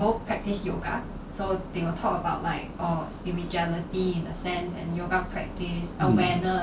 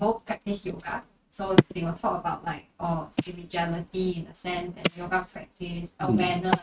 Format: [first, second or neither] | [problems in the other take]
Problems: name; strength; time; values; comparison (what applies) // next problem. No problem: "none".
first | noise reduction (neural mask model RNNoise)